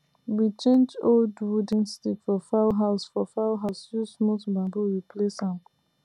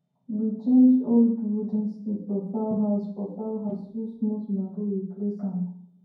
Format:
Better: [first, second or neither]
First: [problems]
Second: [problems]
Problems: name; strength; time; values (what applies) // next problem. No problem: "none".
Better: first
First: none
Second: room echo; dies away in 0.9 s